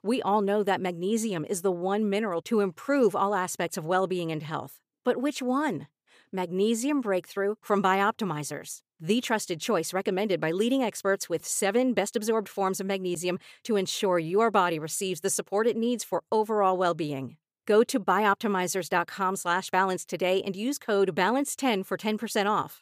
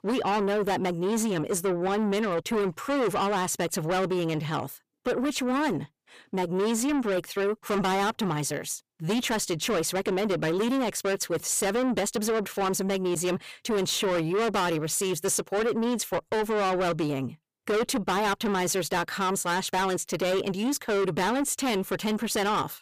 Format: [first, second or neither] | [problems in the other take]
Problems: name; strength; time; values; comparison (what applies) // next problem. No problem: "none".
first | distortion; heavy; 6 dB below the speech